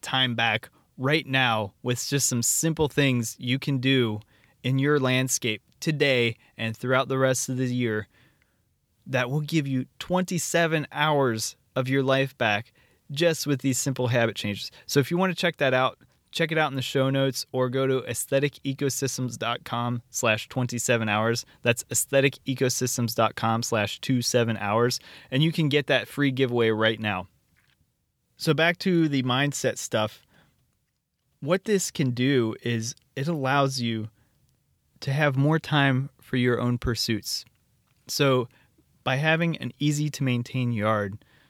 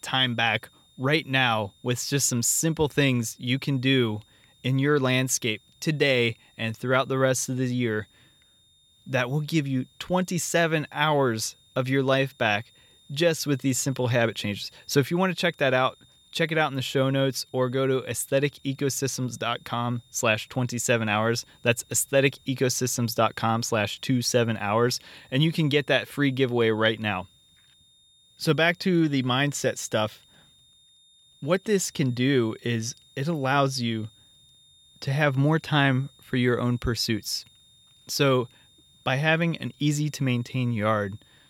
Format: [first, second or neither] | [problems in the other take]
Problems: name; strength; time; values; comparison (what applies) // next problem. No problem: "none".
first | high-pitched whine; faint; throughout; 3.5 kHz, 30 dB below the speech